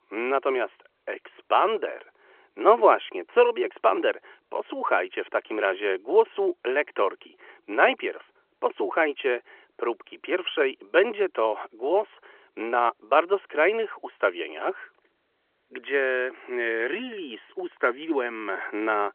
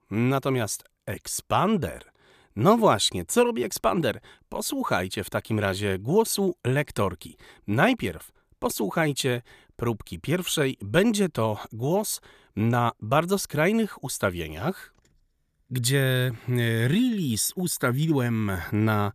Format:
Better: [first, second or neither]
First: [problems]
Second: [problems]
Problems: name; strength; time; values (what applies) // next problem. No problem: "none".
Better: second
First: phone-call audio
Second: none